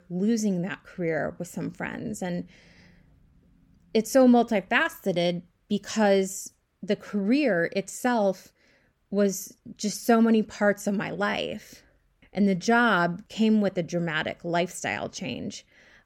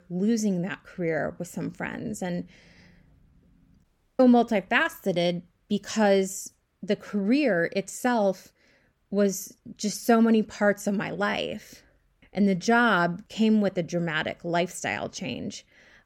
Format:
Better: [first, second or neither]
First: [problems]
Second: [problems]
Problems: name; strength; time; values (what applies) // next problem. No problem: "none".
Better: first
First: none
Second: audio cutting out; at 4 s